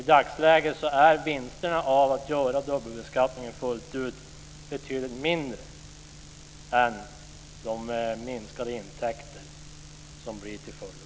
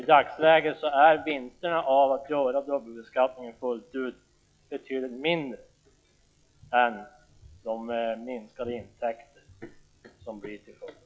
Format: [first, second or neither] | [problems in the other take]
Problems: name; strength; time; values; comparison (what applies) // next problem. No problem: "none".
first | noise reduction (classical method log-MMSE)